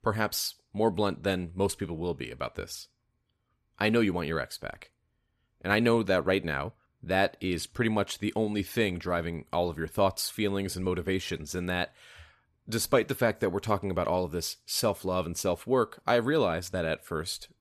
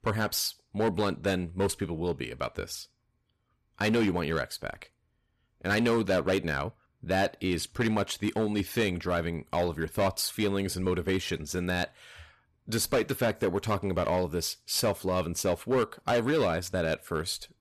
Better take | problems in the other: first | distortion; slight; 6% of the sound clipped

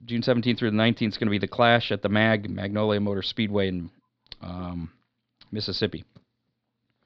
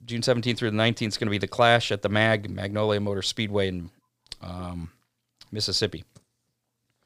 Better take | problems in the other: second | muffled; very slightly; fading above 4.5 kHz

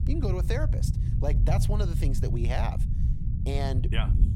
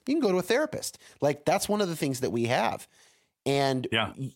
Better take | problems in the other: second | low rumble; loud; throughout; 7 dB below the speech

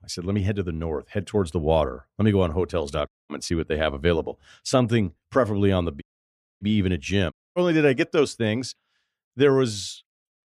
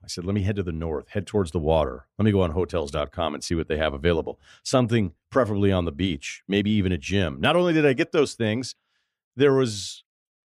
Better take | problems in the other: second | audio cutting out; at 3 s, at 6 s for 0.5 s and at 7.5 s

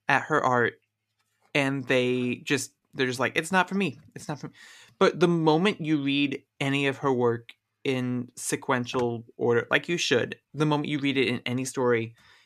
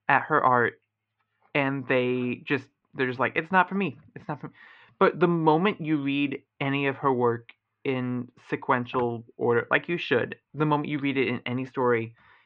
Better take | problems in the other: first | muffled; very; fading above 3 kHz

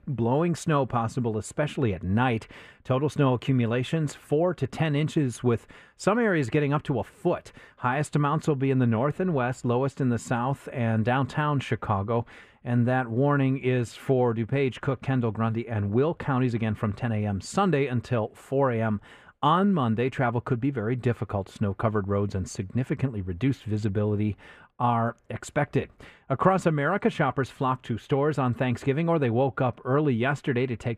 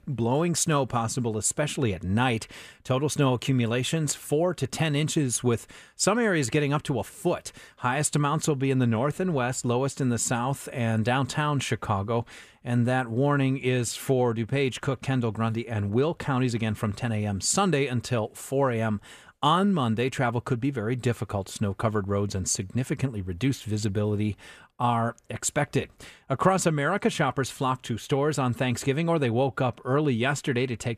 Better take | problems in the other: second | muffled; slightly; fading above 3.5 kHz

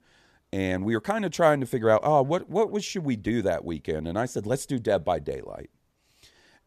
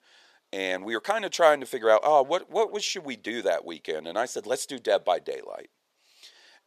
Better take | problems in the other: first | thin; somewhat; fading below 550 Hz

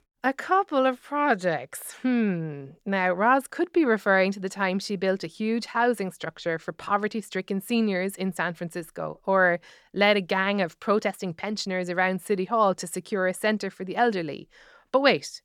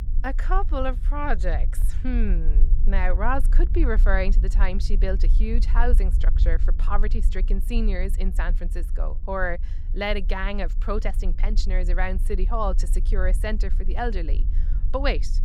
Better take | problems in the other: first | low rumble; noticeable; throughout; 20 dB below the speech

